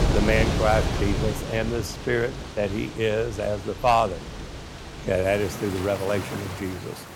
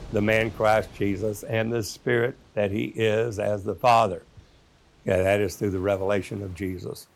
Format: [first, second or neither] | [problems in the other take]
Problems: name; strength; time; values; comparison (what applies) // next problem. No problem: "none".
second | rain or running water; loud; throughout; 5 dB below the speech; faint in the second